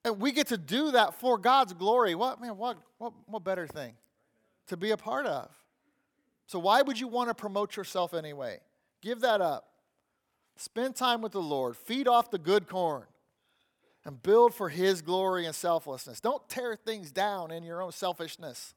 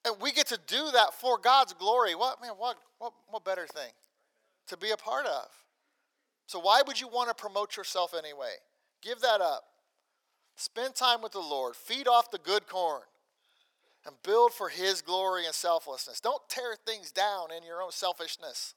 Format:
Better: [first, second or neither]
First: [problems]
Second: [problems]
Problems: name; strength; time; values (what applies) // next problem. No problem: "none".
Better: first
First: none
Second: thin; somewhat; fading below 600 Hz